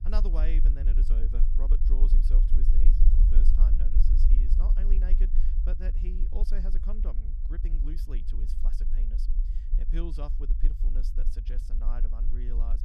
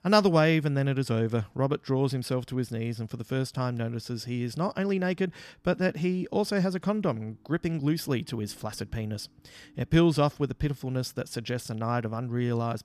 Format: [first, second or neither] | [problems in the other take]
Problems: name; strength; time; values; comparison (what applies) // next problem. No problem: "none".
second | low rumble; loud; throughout; 4 dB below the speech